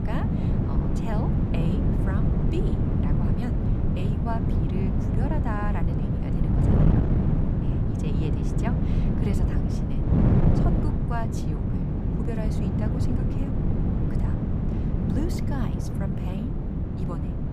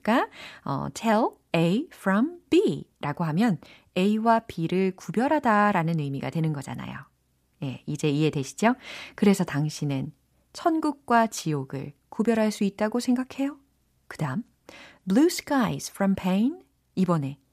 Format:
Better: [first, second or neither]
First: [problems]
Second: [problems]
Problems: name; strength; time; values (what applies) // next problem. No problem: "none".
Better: second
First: wind noise on the microphone; heavy; 4 dB above the speech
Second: none